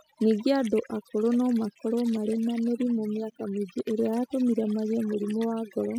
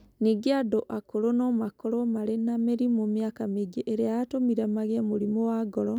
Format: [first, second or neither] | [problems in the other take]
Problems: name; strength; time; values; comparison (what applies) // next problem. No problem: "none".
second | noise reduction (classical method spectral subtraction)